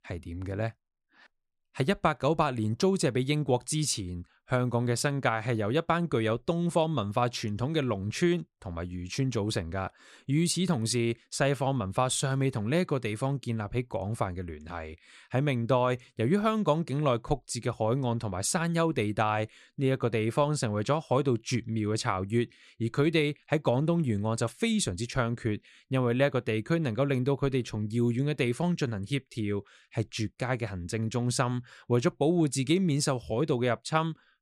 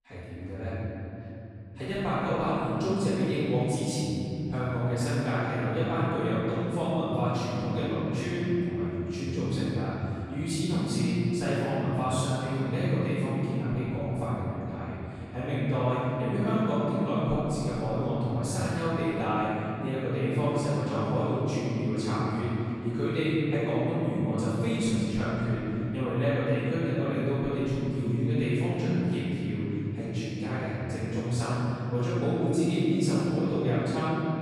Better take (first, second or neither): first